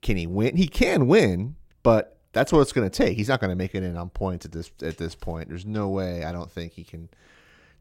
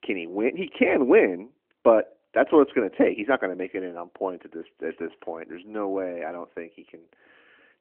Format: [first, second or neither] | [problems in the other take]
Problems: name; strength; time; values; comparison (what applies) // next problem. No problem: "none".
first | phone-call audio